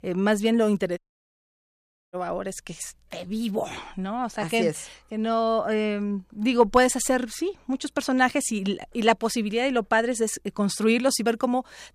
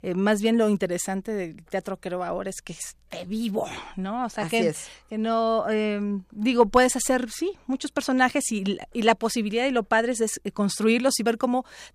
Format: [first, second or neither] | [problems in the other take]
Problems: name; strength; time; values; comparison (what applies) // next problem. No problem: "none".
second | audio cutting out; at 1 s for 1 s